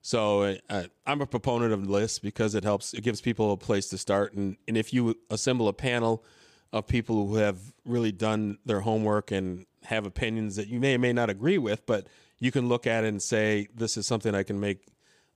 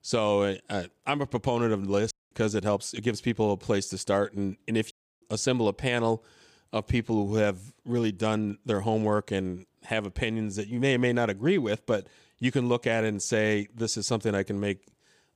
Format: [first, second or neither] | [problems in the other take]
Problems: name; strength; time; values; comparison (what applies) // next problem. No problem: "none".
first | audio cutting out; at 2 s and at 5 s